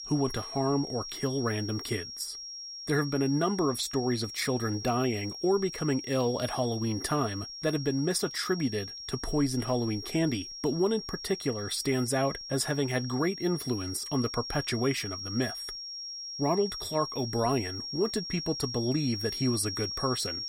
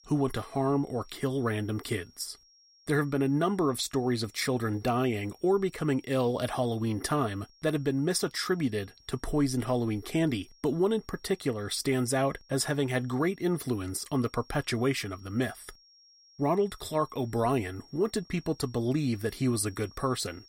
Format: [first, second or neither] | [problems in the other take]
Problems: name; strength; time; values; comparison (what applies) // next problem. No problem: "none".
second | high-pitched whine; loud; throughout; 5.5 kHz, 7 dB below the speech; faint in the second